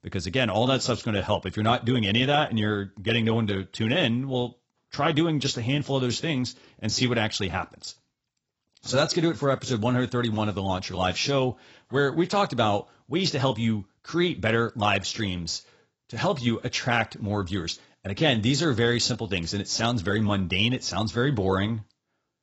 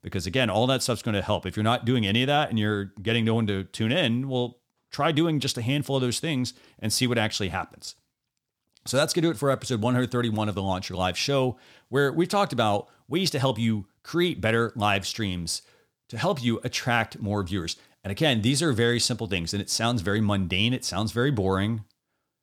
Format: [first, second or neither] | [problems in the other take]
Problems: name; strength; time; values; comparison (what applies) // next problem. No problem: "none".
second | garbled, watery; badly; nothing above 7.5 kHz